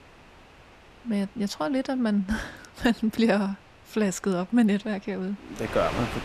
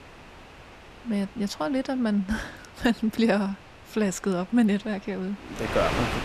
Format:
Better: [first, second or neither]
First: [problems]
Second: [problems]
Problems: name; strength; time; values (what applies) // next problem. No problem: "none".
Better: first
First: wind noise on the microphone; occasional gusts; 15 dB below the speech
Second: wind noise on the microphone; heavy; 9 dB below the speech